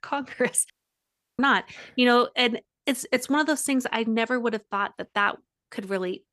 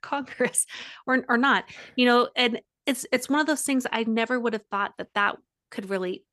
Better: second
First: audio cutting out; at 0.5 s for 0.5 s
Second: none

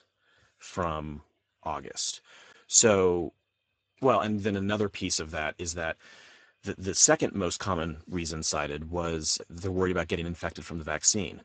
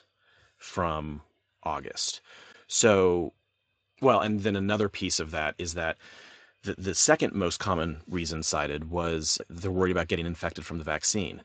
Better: second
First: garbled, watery; badly; nothing above 7.5 kHz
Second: garbled, watery; slightly; nothing above 7.5 kHz

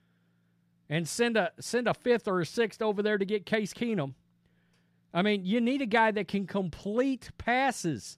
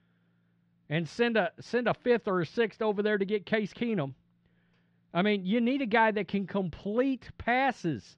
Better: first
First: none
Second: muffled; slightly; fading above 4 kHz

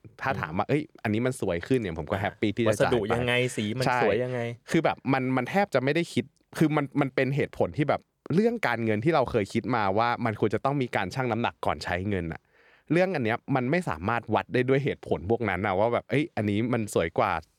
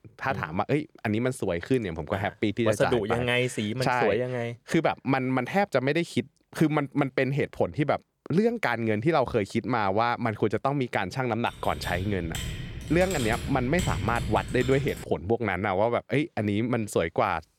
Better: first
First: none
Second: keyboard typing; noticeable; from 11 to 15 s; peak 5 dB below the speech

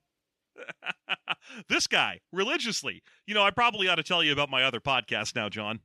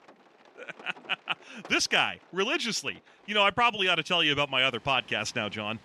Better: first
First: none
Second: rain or running water; faint; throughout; 30 dB below the speech

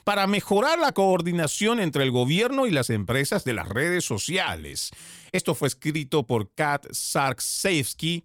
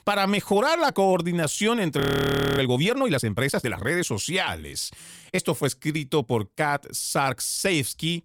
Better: first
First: none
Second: audio freezing; at 2 s for 0.5 s

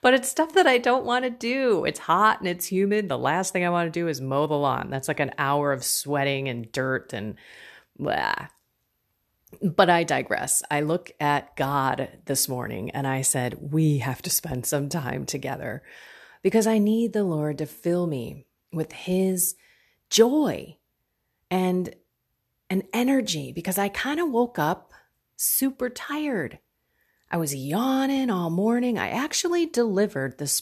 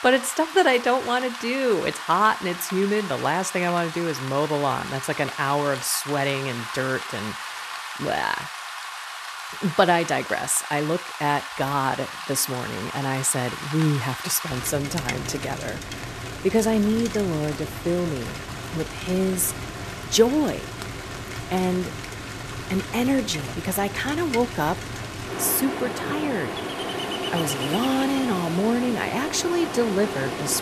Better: first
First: none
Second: rain or running water; loud; throughout; 8 dB below the speech

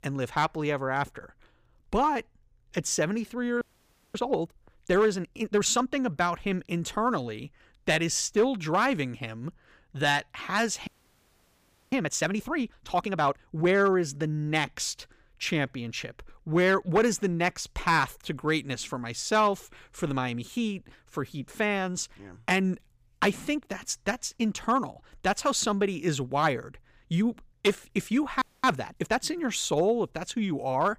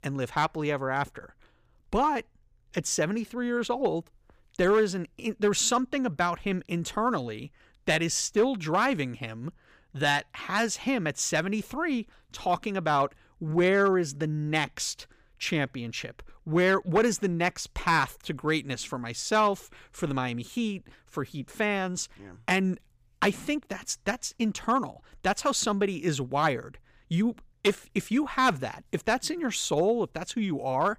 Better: second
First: audio freezing; at 3.5 s for 0.5 s, at 11 s for 1 s and at 28 s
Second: none

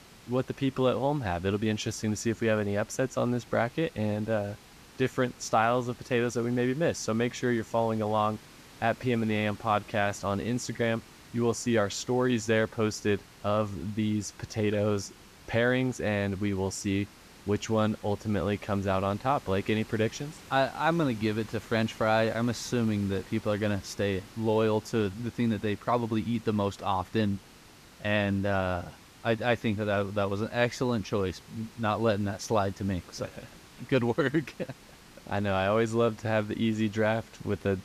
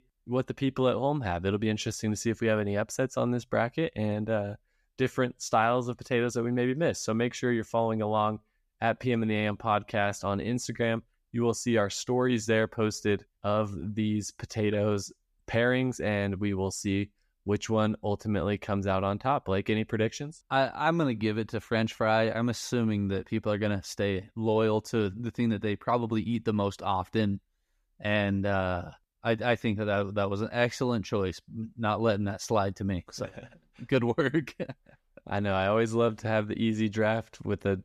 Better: second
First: hiss; faint; throughout; 20 dB below the speech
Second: none

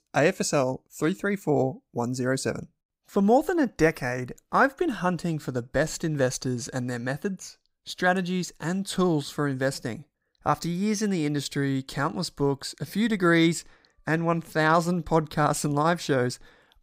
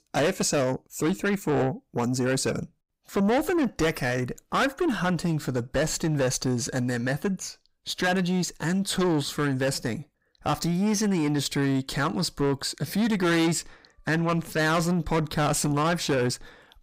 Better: first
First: none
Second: distortion; heavy; 7 dB below the speech

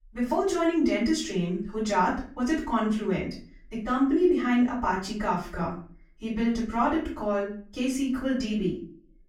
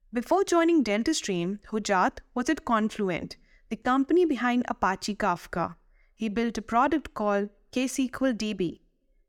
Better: second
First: room echo; slight; dies away in 0.4 s // off-mic speech; far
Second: none

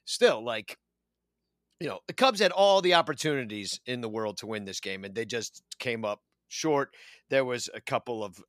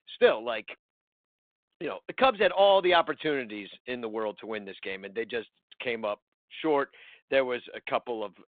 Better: first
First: none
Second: phone-call audio; nothing above 3.5 kHz

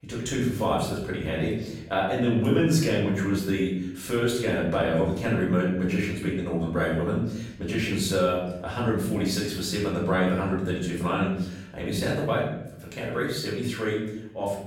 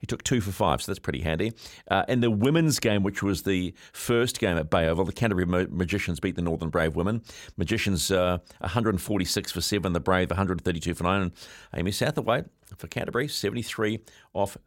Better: second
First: off-mic speech; far // room echo; noticeable; dies away in 0.8 s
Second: none

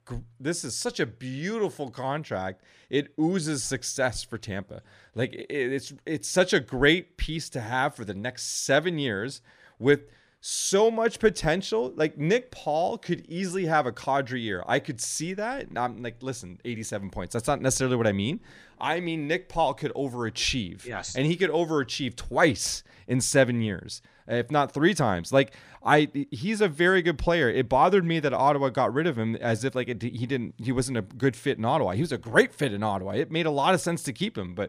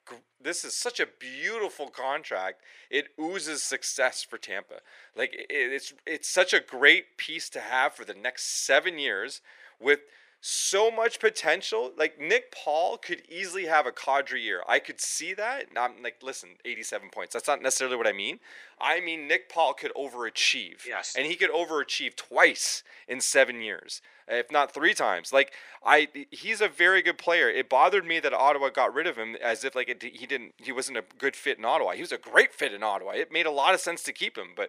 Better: first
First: none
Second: thin; very; fading below 450 Hz

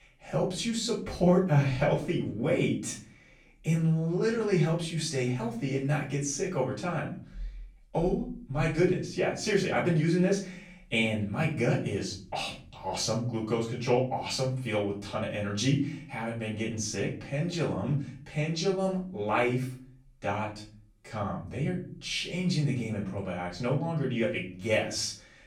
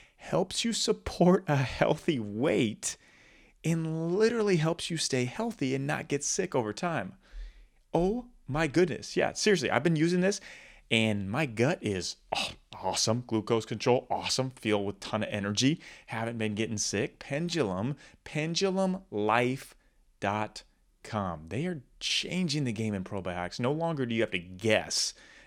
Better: second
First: off-mic speech; far // room echo; slight; dies away in 0.5 s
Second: none

